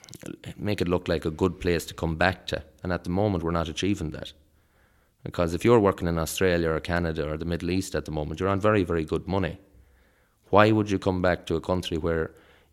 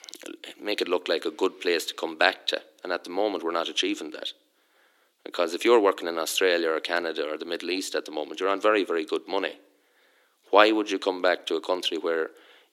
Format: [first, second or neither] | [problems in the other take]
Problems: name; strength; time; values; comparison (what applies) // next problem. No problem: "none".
first | thin; somewhat; fading below 300 Hz